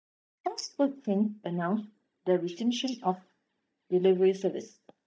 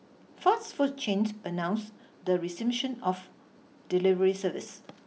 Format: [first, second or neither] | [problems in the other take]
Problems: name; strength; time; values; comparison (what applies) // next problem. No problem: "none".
second | noise reduction (neural mask model DeepFilterNet 3)